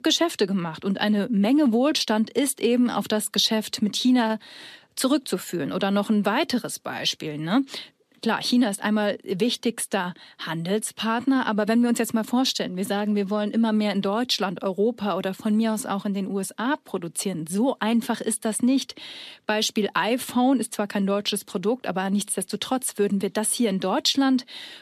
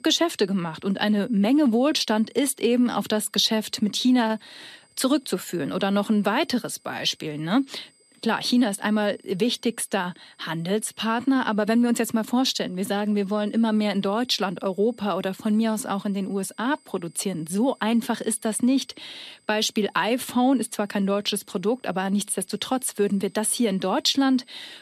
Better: first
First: none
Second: high-pitched whine; faint; throughout; 8 kHz, 35 dB below the speech

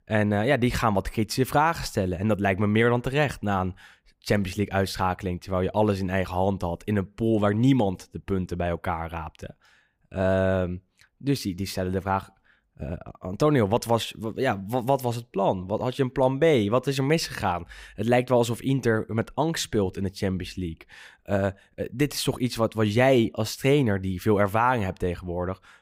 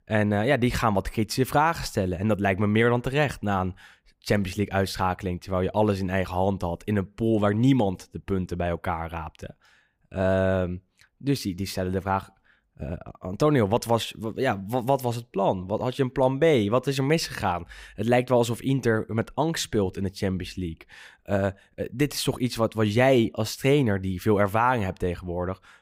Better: neither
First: none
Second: none

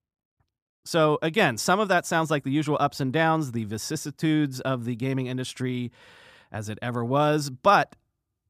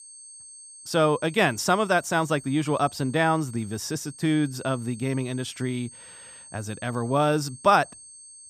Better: first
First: none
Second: high-pitched whine; noticeable; throughout; 8.5 kHz, 20 dB below the speech

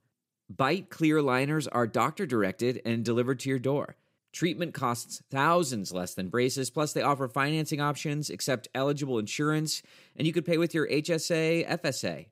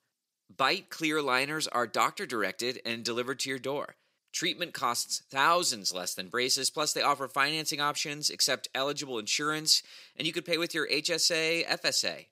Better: first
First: none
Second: thin; somewhat; fading below 1 kHz

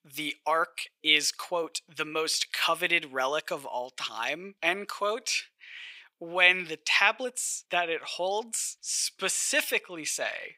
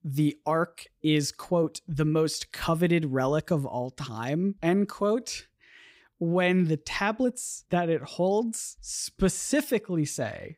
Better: second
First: thin; very; fading below 800 Hz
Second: none

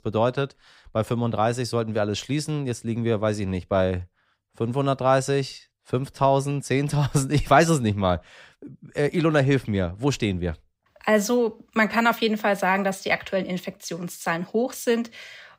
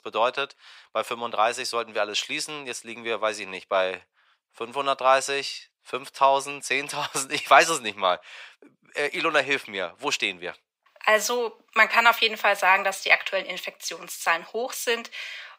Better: first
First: none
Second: thin; very; fading below 700 Hz

